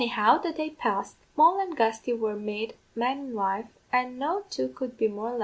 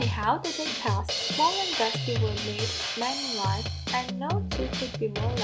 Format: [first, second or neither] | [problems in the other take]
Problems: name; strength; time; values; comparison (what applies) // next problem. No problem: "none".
first | background sound (Drum kit); 1 dB above the speech